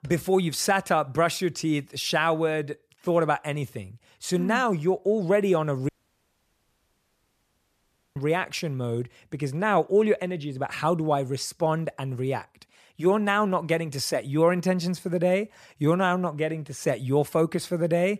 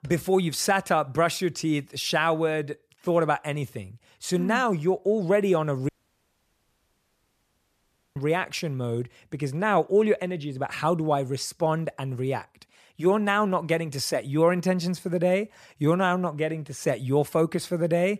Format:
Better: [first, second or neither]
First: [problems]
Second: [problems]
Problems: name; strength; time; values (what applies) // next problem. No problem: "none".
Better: neither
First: audio cutting out; at 6 s for 2.5 s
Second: audio cutting out; at 6 s for 2.5 s